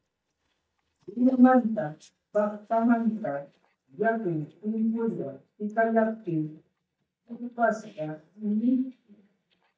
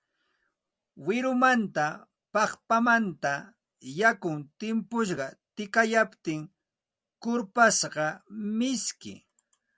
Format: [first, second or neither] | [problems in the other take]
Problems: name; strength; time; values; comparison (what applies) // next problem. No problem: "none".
second | noise reduction (neural mask model DeepFilterNet 3)